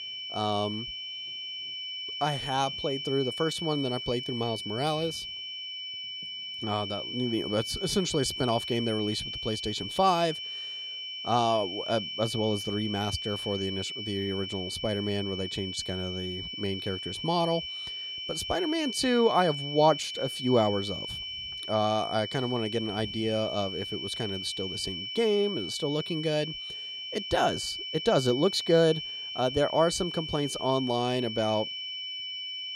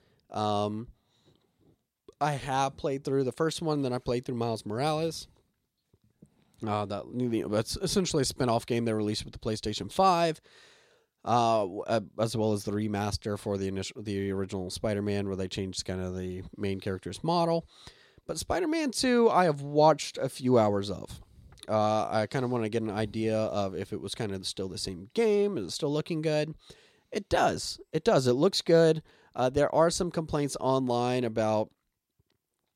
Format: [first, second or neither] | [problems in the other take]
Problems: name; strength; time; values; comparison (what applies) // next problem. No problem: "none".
second | high-pitched whine; loud; throughout; 3 kHz, 5 dB below the speech